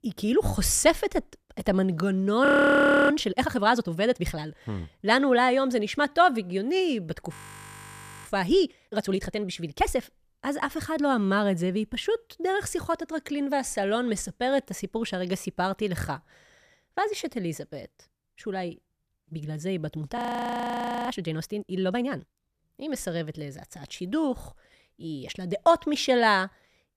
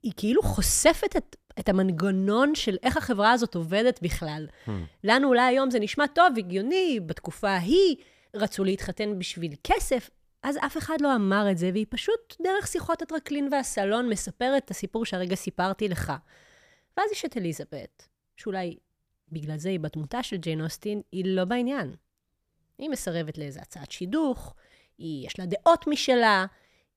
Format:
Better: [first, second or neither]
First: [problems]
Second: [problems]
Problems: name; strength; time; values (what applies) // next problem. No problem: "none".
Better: second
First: audio freezing; at 2.5 s for 0.5 s, at 7.5 s for 1 s and at 20 s for 1 s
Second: none